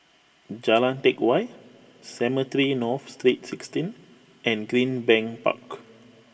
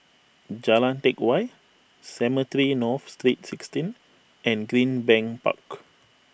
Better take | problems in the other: second | room echo; dies away in 0.4 s

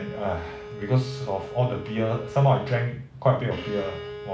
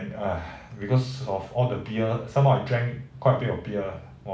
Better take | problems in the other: second | background sound (Bowed string instrument); 12 dB below the speech

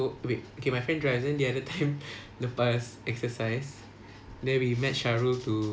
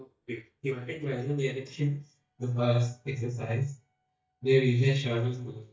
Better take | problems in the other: first | noise reduction (neural mask model DeepFilterNet 3)

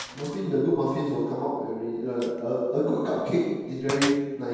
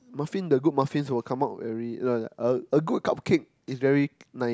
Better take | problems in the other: second | background sound (Gunshot, gunfire); 14 dB below the speech // room echo; dies away in 1.2 s

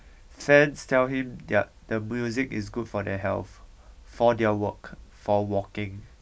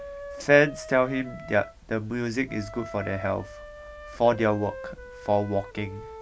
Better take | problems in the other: first | background sound (Wind instrument, woodwind instrument); 15 dB below the speech

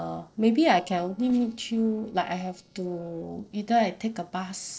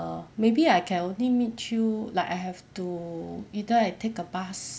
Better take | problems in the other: second | noise reduction (neural separator model SepFormer DNS4)

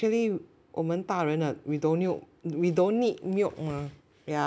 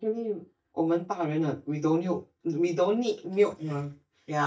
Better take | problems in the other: first | noise reduction (neural mask model DeepFilterNet 3)

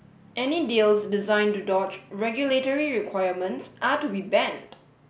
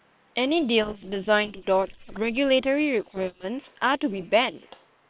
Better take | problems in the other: first | noise reduction (neural separator model SepFormer WHAM!)

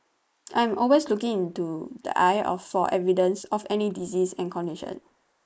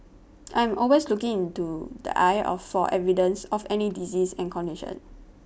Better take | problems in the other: second | noise reduction (neural mask model Resemble Enhance denoiser)

